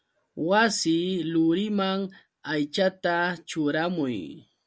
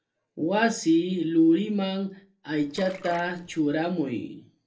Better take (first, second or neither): first